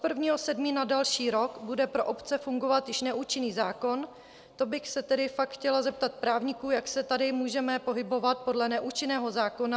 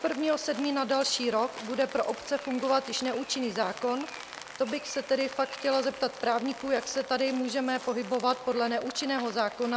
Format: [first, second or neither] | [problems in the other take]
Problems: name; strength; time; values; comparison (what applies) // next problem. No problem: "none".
first | background sound (Rain); 15 dB below the speech